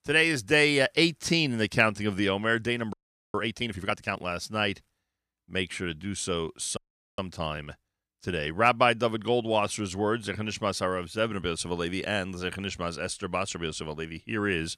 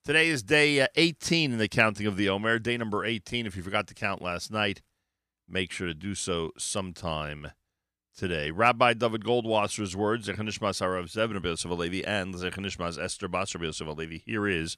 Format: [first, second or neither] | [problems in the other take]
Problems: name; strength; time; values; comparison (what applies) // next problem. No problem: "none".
second | audio freezing; at 3 s and at 7 s